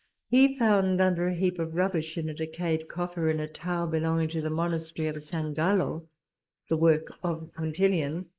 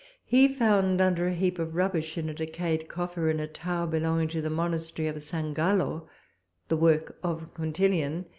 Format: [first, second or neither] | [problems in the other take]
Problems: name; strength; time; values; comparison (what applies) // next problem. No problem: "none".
second | noise reduction (neural mask model Resemble Enhance denoiser)